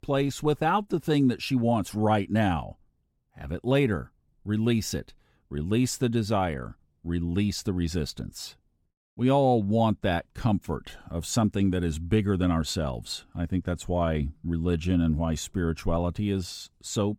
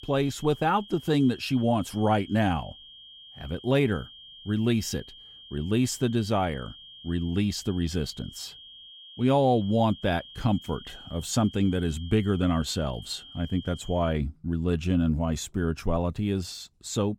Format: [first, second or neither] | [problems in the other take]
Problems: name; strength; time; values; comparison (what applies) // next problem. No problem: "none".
first | high-pitched whine; noticeable; until 14 s; 3 kHz, 20 dB below the speech